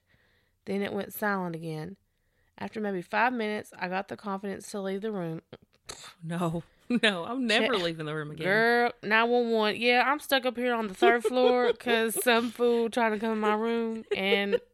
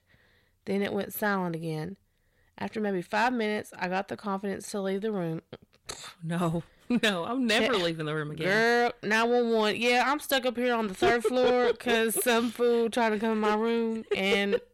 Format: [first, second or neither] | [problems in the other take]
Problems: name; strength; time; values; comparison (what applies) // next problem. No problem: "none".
first | distortion; slight; 10 dB below the speech